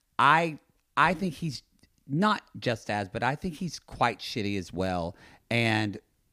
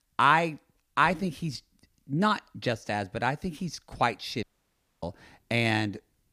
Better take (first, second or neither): first